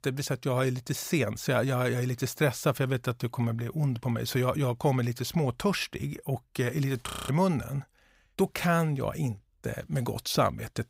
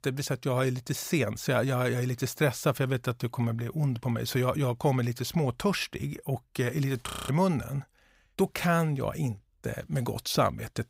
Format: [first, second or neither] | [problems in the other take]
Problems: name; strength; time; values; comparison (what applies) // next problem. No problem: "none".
neither | audio freezing; at 7 s; the same in both